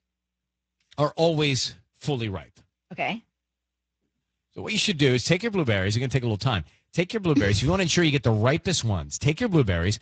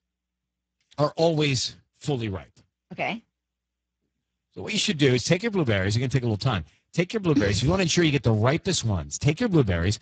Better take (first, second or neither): first